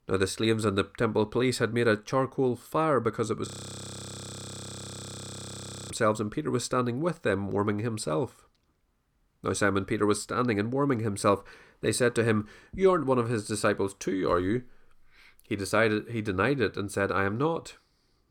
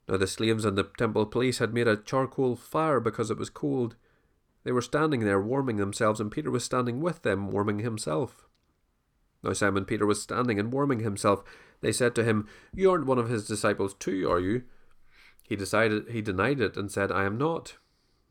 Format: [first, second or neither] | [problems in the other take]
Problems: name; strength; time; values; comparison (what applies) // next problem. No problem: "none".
second | audio freezing; at 3.5 s for 2.5 s